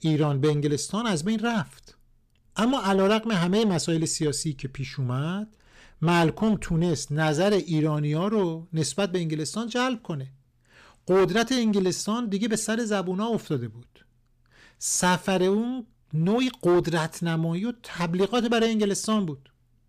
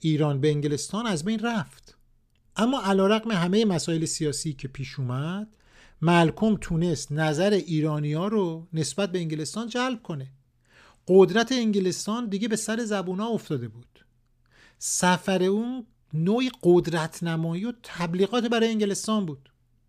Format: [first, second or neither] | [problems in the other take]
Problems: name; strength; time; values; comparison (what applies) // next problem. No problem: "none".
second | distortion; slight; 5% of the sound clipped